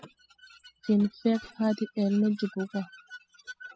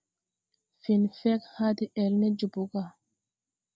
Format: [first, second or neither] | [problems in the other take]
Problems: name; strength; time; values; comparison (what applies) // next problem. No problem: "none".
second | noise reduction (classical method spectral subtraction)